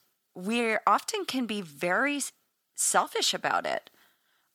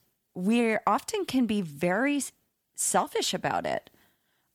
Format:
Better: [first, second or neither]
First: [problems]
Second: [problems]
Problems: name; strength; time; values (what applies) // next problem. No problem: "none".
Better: second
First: thin; very slightly; fading below 850 Hz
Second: none